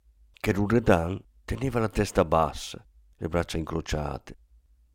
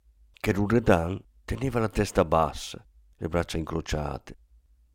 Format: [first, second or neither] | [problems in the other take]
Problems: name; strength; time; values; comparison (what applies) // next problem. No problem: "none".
neither | none